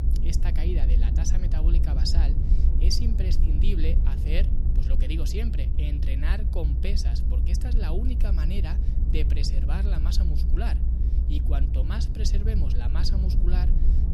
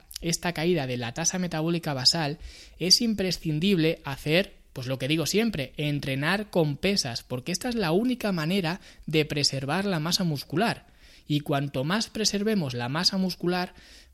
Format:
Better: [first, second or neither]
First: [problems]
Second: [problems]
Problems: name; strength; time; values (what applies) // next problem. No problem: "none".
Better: second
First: low rumble; loud; throughout; 5 dB below the speech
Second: none